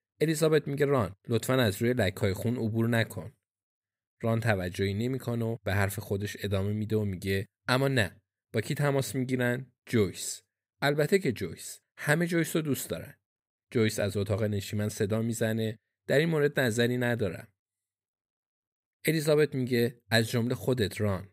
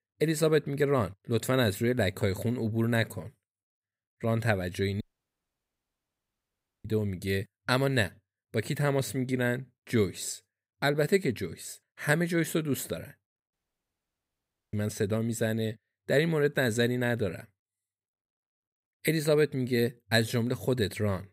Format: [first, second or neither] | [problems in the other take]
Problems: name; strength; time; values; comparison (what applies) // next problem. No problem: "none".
first | audio cutting out; at 5 s for 2 s and at 14 s for 1 s